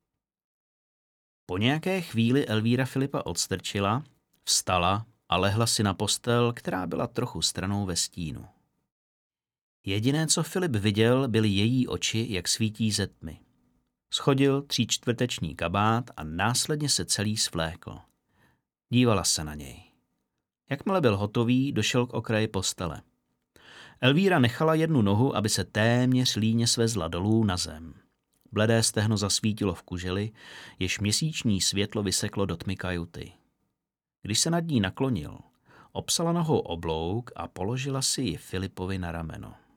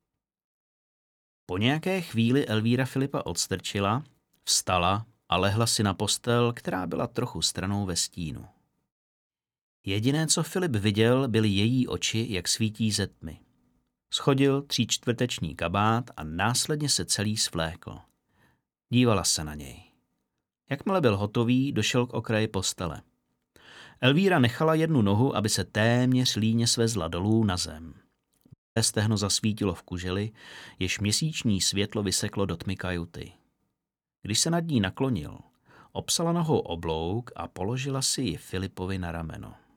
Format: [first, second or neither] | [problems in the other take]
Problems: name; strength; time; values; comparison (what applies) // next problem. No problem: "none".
first | audio cutting out; at 29 s